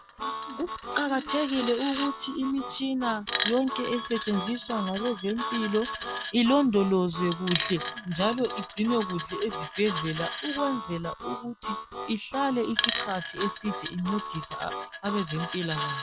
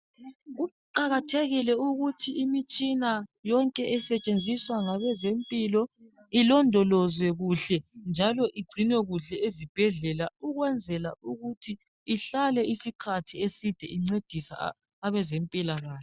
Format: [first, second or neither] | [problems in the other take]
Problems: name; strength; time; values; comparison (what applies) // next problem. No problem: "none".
second | background sound (Harmonica + Coin (dropping)); 5 dB below the speech